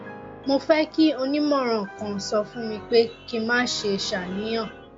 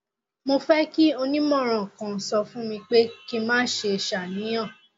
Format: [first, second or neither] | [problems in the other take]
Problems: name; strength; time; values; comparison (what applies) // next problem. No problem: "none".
second | background sound (Electric guitar + Piano); 17 dB below the speech